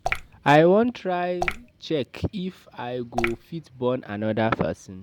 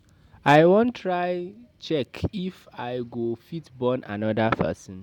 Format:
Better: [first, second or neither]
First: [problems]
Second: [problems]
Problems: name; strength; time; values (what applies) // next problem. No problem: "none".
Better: second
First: background sound (Drip / Water); 4 dB below the speech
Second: none